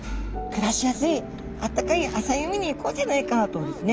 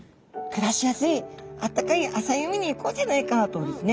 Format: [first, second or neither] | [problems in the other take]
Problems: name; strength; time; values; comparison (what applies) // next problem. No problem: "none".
second | background sound (Engine / Mechanisms); 10 dB below the speech